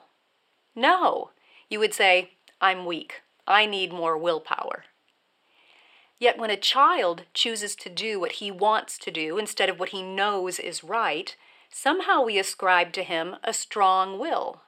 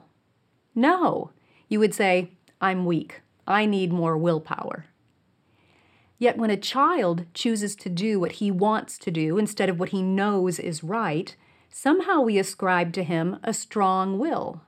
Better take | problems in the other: second | thin; very; fading below 600 Hz

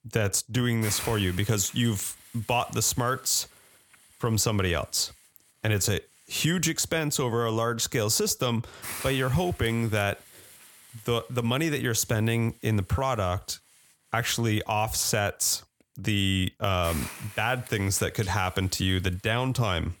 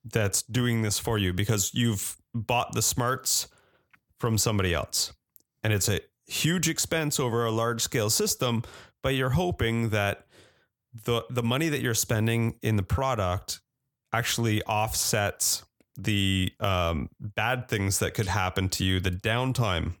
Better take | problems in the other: second | hiss; noticeable; throughout; 15 dB below the speech

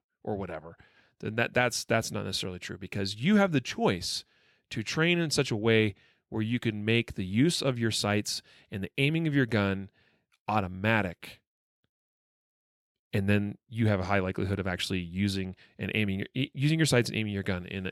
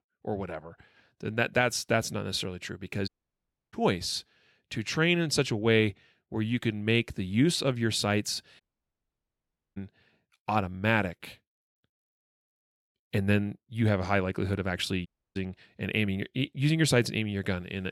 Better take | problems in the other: first | audio cutting out; at 3 s for 0.5 s, at 8.5 s for 1 s and at 15 s

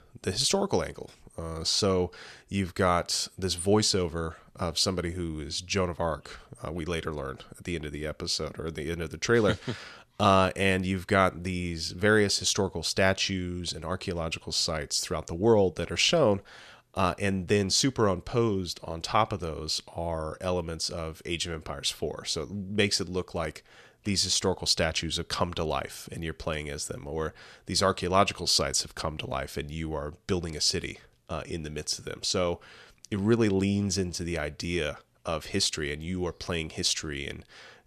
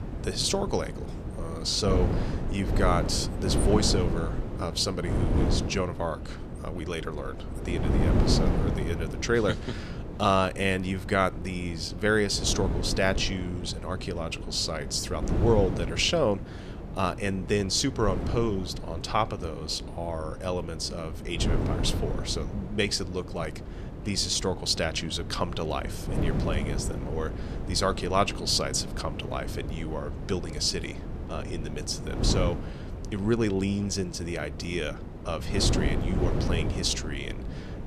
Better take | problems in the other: first | wind noise on the microphone; heavy; 9 dB below the speech

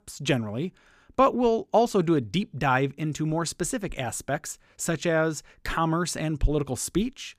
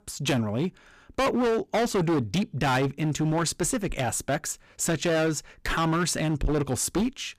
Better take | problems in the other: first | distortion; heavy; 16% of the sound clipped

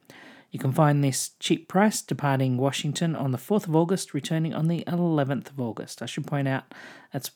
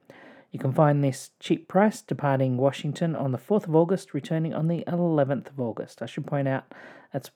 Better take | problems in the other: first | muffled; slightly; fading above 3 kHz

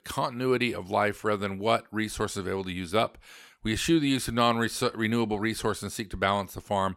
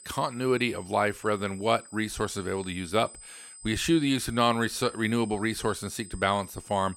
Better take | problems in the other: first | high-pitched whine; noticeable; throughout; 8 kHz, 20 dB below the speech

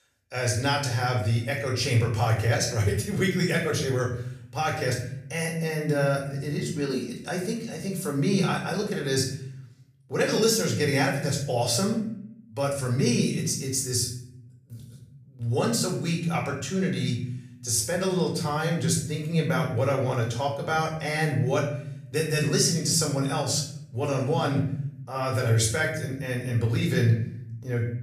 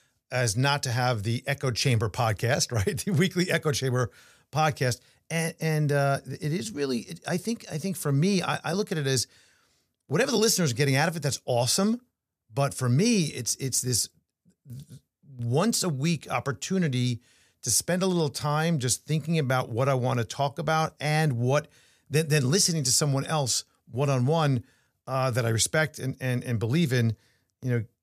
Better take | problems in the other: second | room echo; slight; dies away in 0.6 s // off-mic speech; far

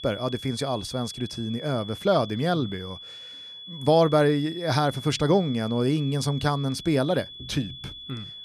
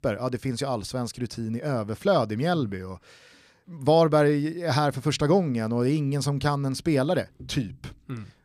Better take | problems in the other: second | high-pitched whine; noticeable; throughout; 3.5 kHz, 15 dB below the speech

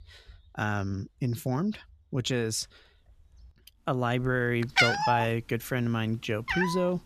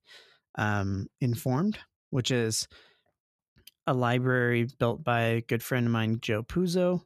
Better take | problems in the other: second | animal sounds; very loud; throughout; 2 dB above the speech

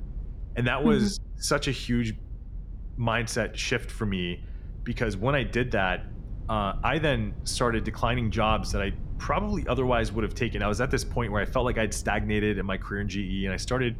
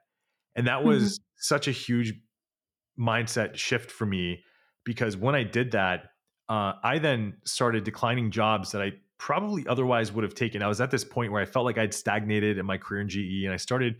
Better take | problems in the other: second | low rumble; faint; throughout; 25 dB below the speech

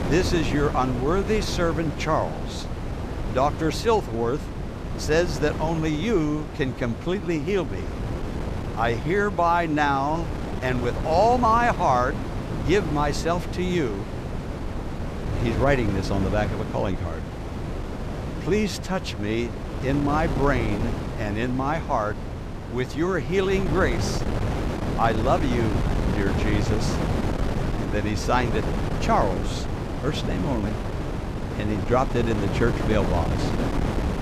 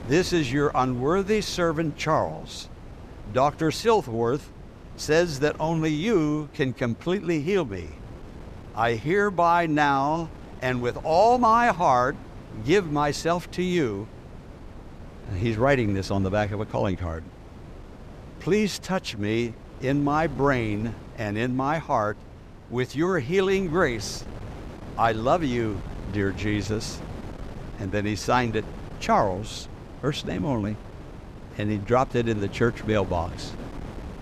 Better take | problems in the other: second | wind noise on the microphone; heavy; 8 dB below the speech; occasional gusts in the second

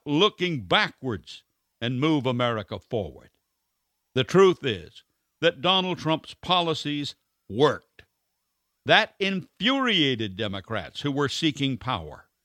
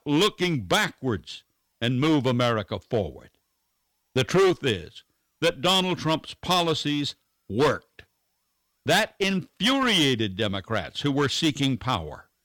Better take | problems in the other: first | distortion; heavy; 7% of the sound clipped

